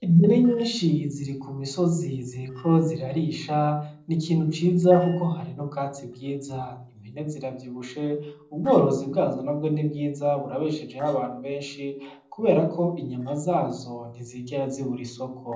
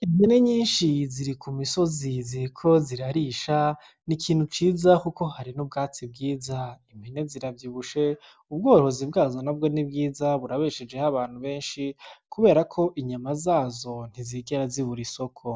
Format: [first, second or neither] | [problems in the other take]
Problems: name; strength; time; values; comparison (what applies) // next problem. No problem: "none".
second | noise reduction (neural separator model SepFormer DNS4)